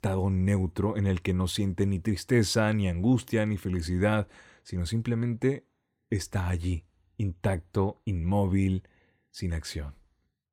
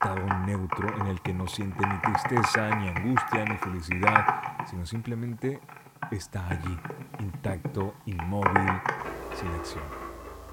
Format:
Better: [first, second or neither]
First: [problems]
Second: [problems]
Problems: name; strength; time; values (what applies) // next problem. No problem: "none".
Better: first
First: none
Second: household noises; very loud; throughout; 3 dB above the speech